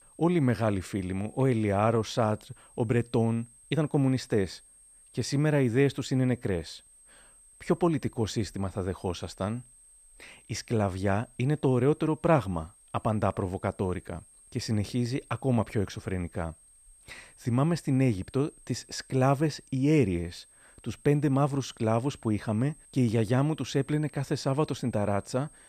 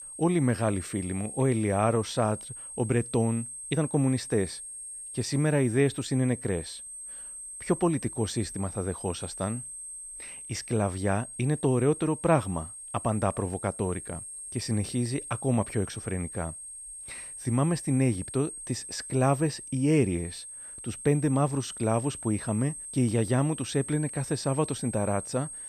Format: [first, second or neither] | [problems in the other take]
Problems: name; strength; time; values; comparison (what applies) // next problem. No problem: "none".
first | high-pitched whine; loud; throughout; 8.5 kHz, 10 dB below the speech; faint in the first